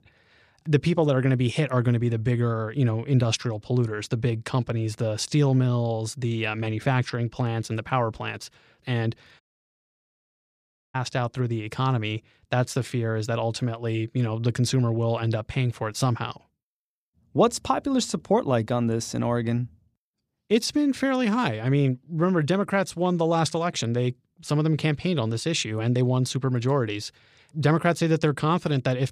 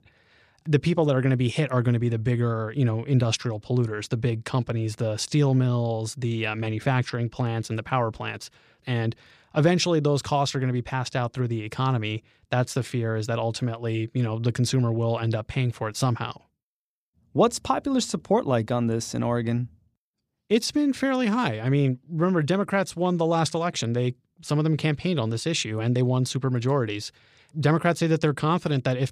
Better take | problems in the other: second | audio cutting out; at 9.5 s for 1.5 s

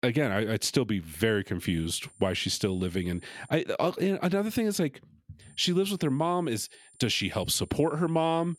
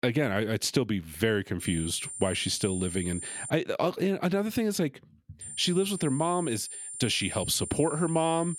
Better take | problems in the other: first | high-pitched whine; loud; from 1.5 to 3.5 s and from 5.5 s on; 9 kHz, 8 dB below the speech; faint in the first

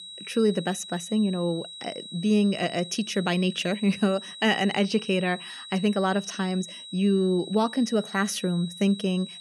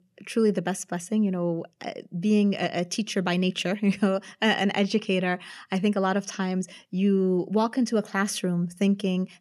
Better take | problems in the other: second | high-pitched whine; noticeable; throughout; 4 kHz, 15 dB below the speech

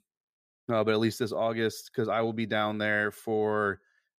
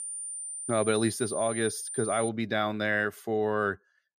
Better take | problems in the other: first | high-pitched whine; loud; until 2.5 s; 9 kHz, 6 dB below the speech

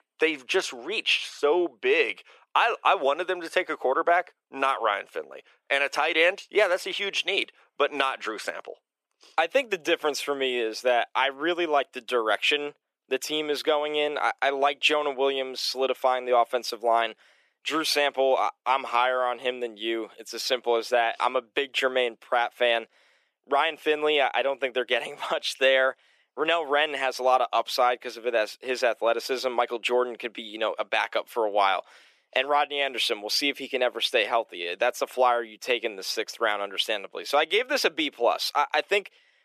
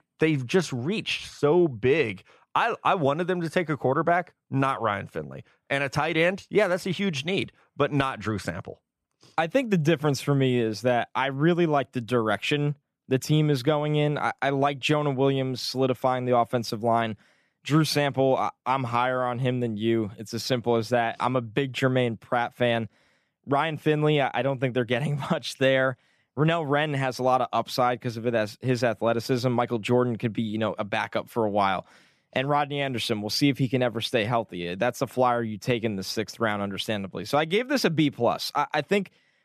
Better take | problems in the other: second | thin; very; fading below 400 Hz

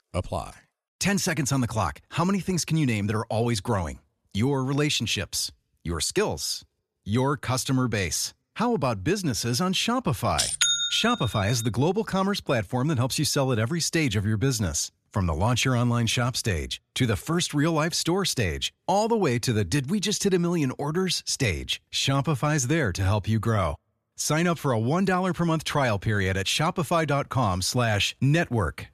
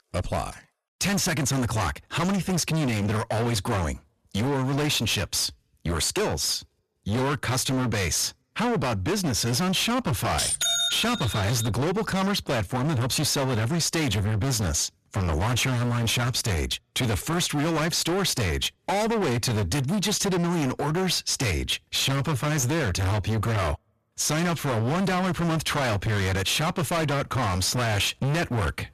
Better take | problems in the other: first | distortion; heavy; 37% of the sound clipped

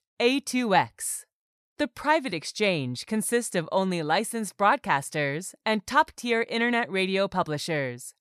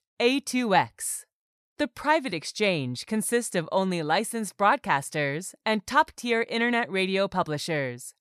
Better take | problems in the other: neither | none

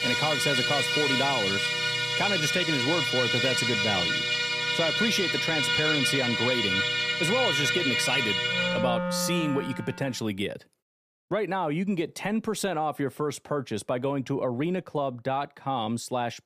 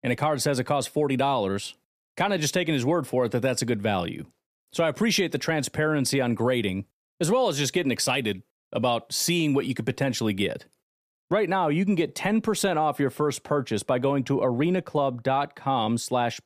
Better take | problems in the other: second | background music; very loud; until 9.5 s; 5 dB above the speech

